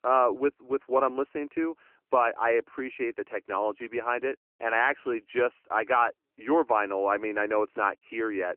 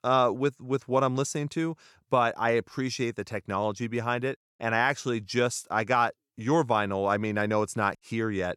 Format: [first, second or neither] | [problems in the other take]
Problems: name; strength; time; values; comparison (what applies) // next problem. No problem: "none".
second | phone-call audio